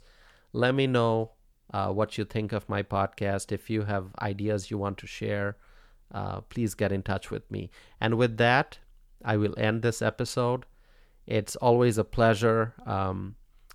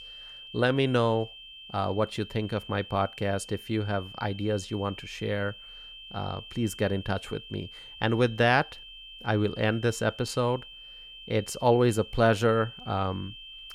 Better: first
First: none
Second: high-pitched whine; noticeable; throughout; 3 kHz, 15 dB below the speech

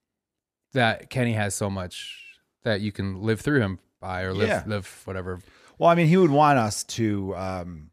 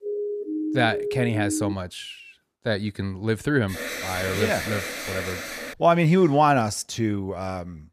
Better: first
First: none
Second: siren; noticeable; until 1.5 s; peak 4 dB below the speech // alarm; noticeable; from 3.5 to 6 s; peak 5 dB below the speech

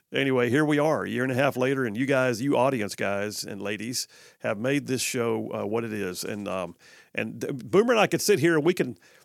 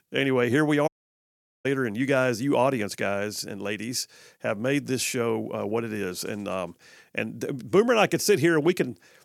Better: first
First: none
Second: audio cutting out; at 1 s for 1 s

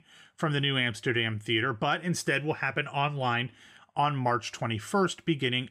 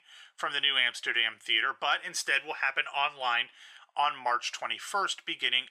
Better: first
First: none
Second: thin; very; fading below 900 Hz

